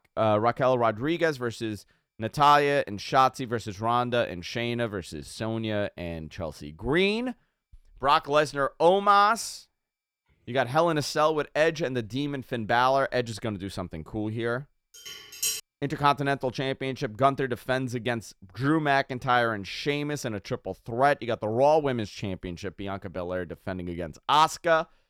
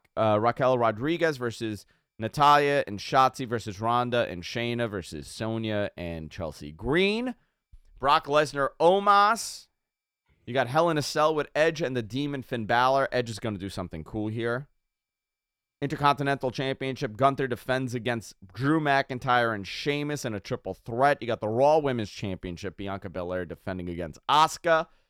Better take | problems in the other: second | clattering dishes; noticeable; at 15 s; peak 2 dB below the speech

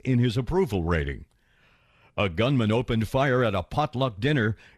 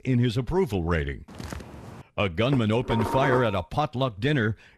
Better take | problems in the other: first | footsteps; faint; at 1.5 s; peak 15 dB below the speech // clattering dishes; noticeable; from 2.5 to 3.5 s; peak 2 dB below the speech

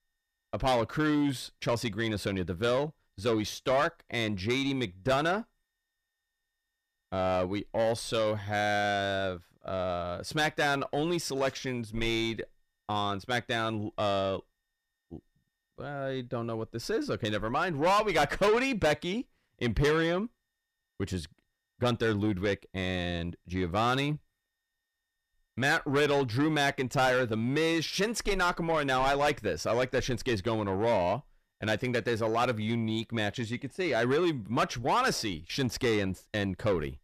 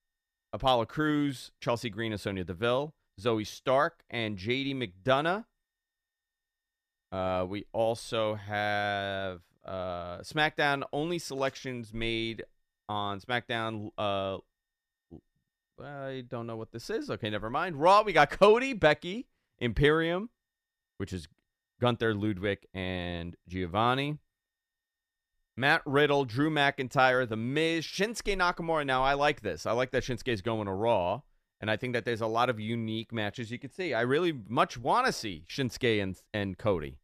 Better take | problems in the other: second | distortion; heavy; 8 dB below the speech

